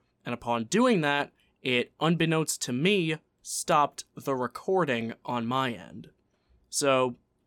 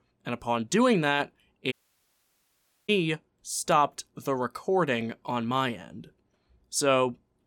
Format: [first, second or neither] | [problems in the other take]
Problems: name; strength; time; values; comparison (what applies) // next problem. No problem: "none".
first | audio cutting out; at 1.5 s for 1 s